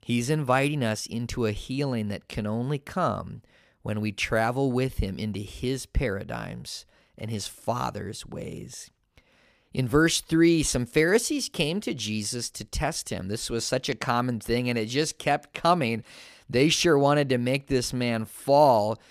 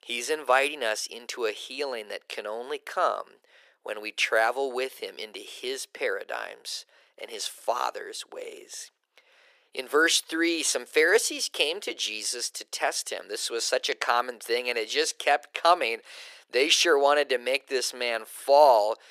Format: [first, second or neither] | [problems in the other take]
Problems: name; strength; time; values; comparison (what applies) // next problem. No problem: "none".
first | thin; very; fading below 400 Hz